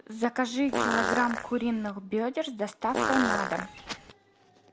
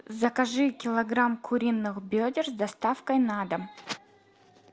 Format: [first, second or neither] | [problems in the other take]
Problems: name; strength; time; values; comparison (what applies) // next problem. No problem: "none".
second | background sound (Fart); 1 dB below the speech